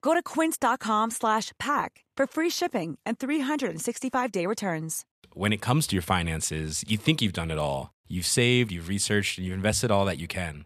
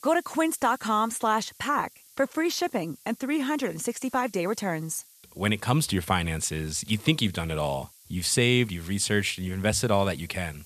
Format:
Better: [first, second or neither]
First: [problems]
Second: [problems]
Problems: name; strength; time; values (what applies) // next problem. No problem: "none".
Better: first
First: none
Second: hiss; faint; throughout; 25 dB below the speech